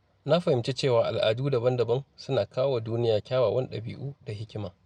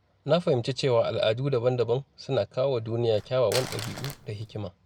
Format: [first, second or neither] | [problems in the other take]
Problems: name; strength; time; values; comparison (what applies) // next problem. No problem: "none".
first | background sound (Crumpling, crinkling); 12 dB below the speech